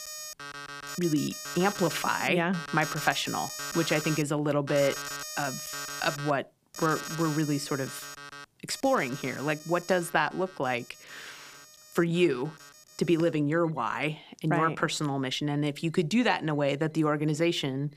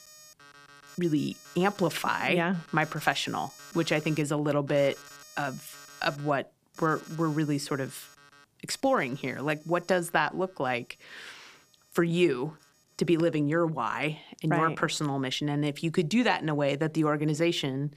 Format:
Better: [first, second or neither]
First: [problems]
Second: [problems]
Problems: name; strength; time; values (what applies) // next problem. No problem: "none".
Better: second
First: alarms or sirens; loud; throughout; 9 dB below the speech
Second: alarms or sirens; faint; throughout; 20 dB below the speech